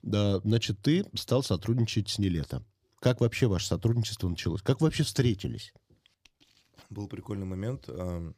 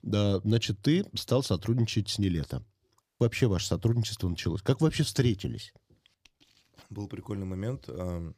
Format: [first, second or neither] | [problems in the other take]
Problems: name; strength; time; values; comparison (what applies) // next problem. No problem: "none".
first | audio cutting out; at 3 s